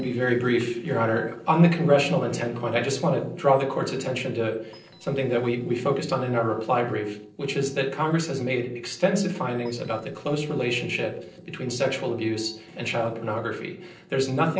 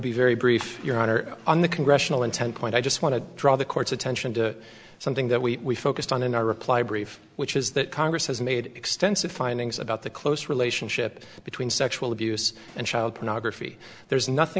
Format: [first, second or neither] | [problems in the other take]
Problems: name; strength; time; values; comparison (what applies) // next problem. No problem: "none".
second | noise reduction (neural separator model SepFormer DNS4)